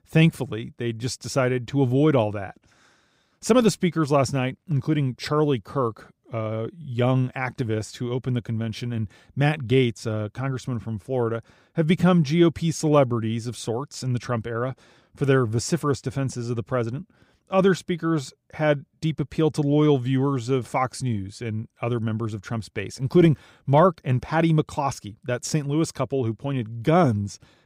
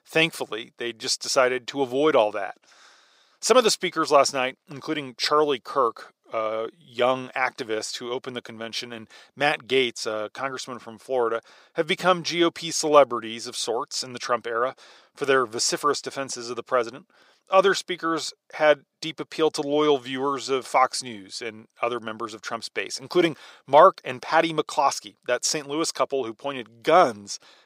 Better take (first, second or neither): first